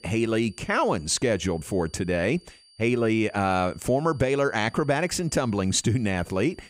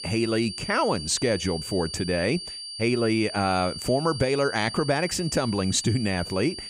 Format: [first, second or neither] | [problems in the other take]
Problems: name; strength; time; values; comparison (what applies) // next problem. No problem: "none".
first | high-pitched whine; loud; throughout; 4.5 kHz, 9 dB below the speech; faint in the first